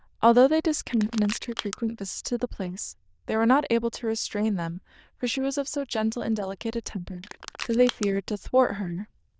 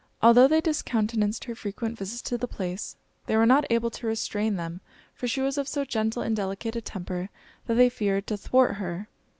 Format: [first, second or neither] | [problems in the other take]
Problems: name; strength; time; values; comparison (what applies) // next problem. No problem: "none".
second | noise reduction (neural diffusion model UNIVERSE++)